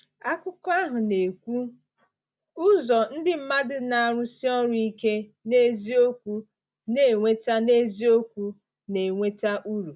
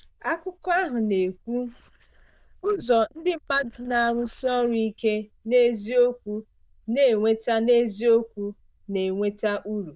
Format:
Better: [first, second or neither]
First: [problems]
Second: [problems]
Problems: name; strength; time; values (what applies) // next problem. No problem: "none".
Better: first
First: none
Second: noise reduction (neural diffusion model UNIVERSE++)